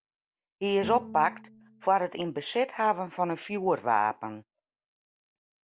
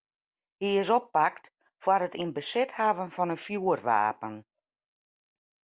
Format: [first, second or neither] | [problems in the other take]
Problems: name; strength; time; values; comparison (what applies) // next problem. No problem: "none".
second | background sound (Bowed string instrument); 15 dB below the speech